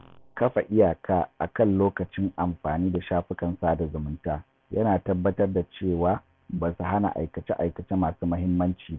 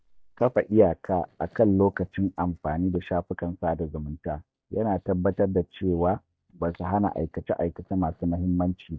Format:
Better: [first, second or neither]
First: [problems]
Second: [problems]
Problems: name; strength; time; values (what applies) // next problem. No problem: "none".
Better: first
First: none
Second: noise reduction (neural mask model DeepFilterNet 3)